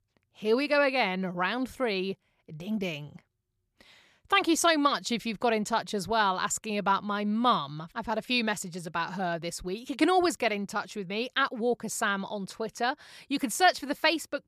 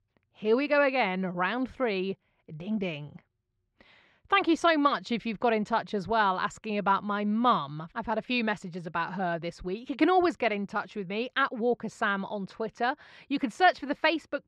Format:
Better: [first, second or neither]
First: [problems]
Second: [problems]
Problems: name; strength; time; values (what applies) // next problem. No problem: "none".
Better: first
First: none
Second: muffled; slightly; fading above 3 kHz